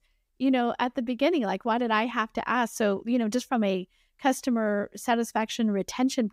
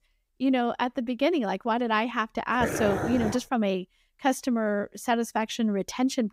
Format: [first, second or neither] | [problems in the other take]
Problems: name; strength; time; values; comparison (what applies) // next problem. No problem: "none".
first | dog barking; noticeable; at 2.5 s; peak 2 dB below the speech